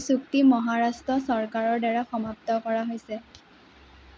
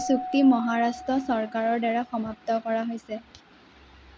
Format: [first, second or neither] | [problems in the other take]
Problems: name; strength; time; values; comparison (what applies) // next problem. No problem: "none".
first | background sound (Keyboard (musical)); 14 dB below the speech